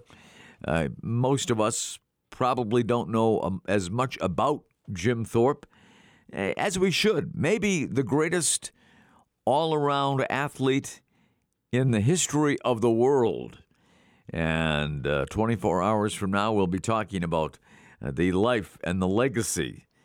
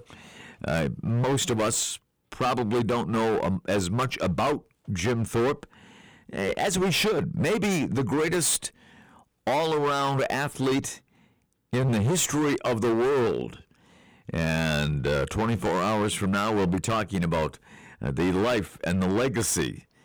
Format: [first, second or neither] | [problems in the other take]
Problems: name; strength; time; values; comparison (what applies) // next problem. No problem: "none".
first | distortion; heavy; 19% of the sound clipped